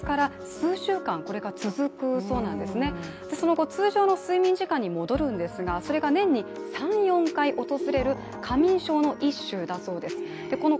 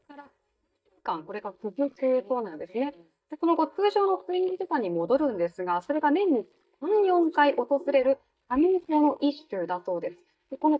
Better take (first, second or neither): first